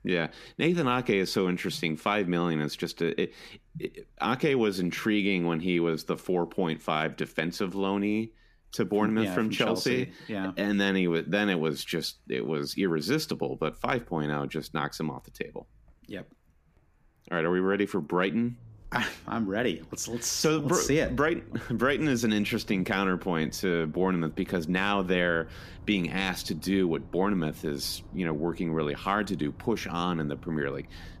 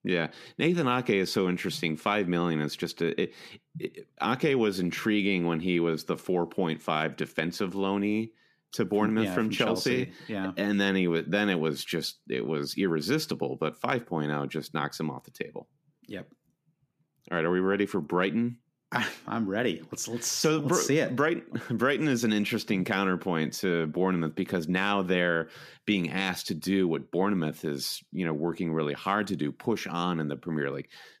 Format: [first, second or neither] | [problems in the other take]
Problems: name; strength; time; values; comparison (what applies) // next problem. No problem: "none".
second | traffic noise; faint; throughout; 20 dB below the speech